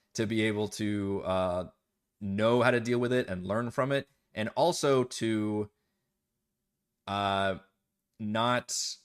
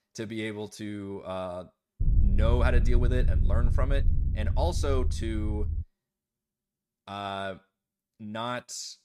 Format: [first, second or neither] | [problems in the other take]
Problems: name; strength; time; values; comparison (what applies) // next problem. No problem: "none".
first | low rumble; noticeable; from 2 to 6 s; 10 dB below the speech